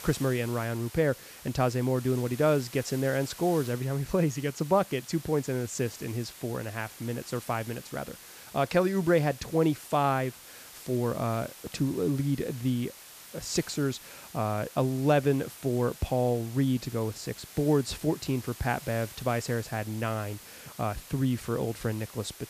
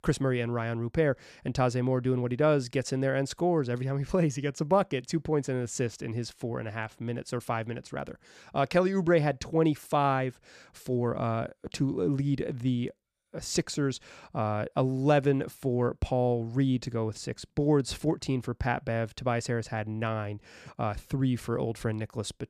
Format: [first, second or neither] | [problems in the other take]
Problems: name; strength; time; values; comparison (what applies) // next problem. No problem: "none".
second | hiss; noticeable; throughout; 15 dB below the speech